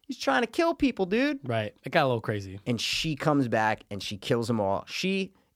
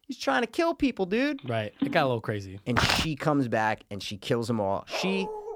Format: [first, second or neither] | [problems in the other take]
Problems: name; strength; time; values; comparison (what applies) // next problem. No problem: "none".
first | phone ringing; noticeable; at 2 s; peak 5 dB below the speech // footsteps; loud; at 3 s; peak 3 dB above the speech // dog barking; noticeable; at 5 s; peak 7 dB below the speech